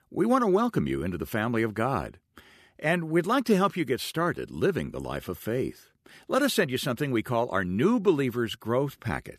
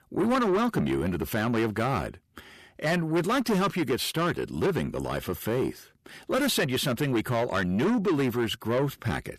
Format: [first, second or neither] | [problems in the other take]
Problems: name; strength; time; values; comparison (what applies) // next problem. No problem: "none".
first | distortion; heavy; 8 dB below the speech